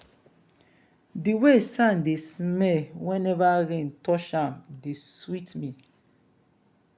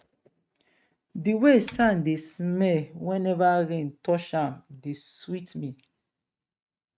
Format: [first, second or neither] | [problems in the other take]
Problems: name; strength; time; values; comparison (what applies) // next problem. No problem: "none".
first | noise reduction (neural mask model RNNoise)